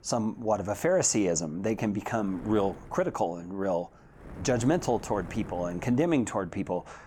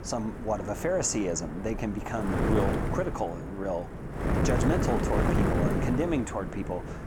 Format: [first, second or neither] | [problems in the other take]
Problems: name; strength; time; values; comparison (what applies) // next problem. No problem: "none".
first | wind noise on the microphone; heavy; 2 dB below the speech; occasional gusts in the first